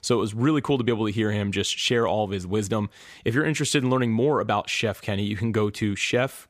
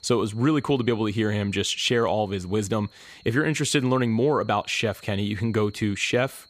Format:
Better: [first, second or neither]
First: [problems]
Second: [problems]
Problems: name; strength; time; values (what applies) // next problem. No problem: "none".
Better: first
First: none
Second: high-pitched whine; faint; throughout; 4.5 kHz, 30 dB below the speech